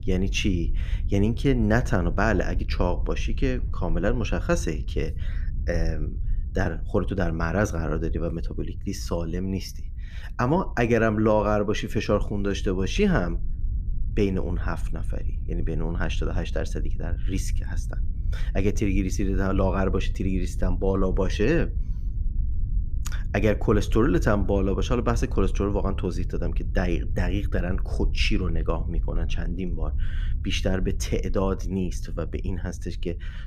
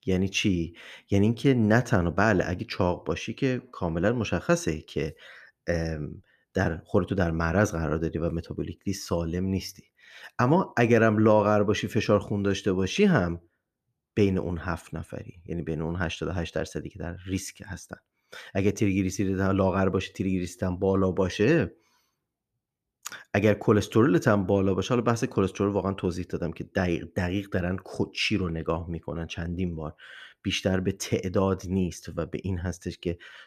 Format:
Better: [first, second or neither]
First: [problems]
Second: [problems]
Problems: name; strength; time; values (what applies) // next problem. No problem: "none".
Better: second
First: low rumble; faint; throughout; 20 dB below the speech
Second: none